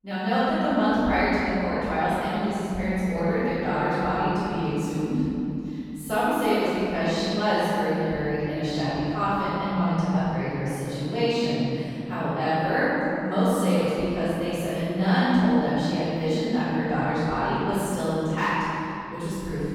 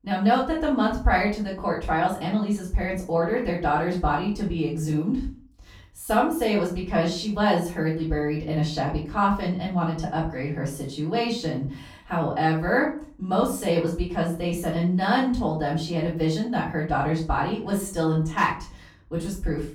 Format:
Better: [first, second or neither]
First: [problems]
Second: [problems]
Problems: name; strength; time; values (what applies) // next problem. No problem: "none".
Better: second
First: room echo; strong; dies away in 2.7 s // off-mic speech; far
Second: room echo; slight; dies away in 0.3 s // off-mic speech; far